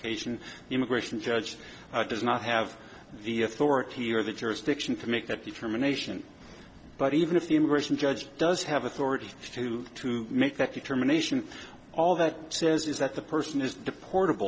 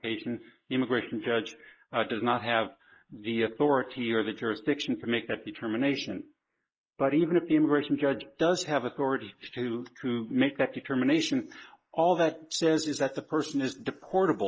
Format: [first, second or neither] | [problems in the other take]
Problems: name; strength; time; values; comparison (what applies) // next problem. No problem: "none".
first | noise reduction (neural mask model Resemble Enhance denoiser)